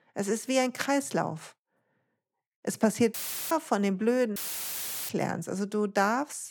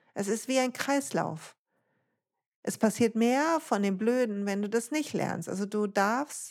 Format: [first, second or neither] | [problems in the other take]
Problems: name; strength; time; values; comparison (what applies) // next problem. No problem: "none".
second | audio cutting out; filled with static; at 3 s and at 4.5 s for 0.5 s